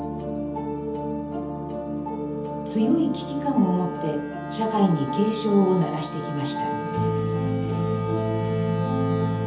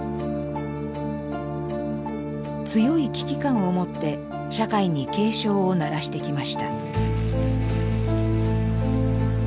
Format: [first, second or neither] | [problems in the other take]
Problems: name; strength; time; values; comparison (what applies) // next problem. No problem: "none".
second | background sound (Wind instrument, woodwind instrument); 14 dB below the speech // room echo; dies away in 0.8 s